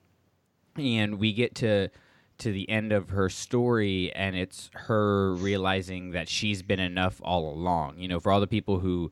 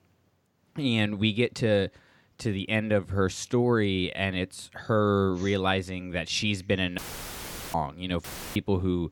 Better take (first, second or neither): first